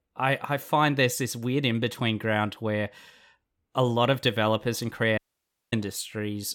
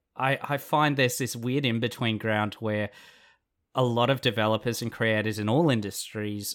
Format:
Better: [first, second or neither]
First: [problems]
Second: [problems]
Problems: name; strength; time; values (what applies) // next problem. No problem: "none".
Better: second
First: audio cutting out; at 5 s for 0.5 s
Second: none